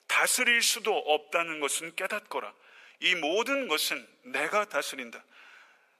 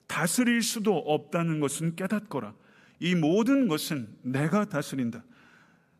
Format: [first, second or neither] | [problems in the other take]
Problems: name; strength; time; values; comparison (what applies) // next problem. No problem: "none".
second | thin; very; fading below 500 Hz